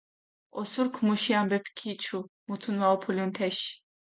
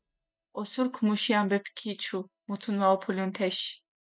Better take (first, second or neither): first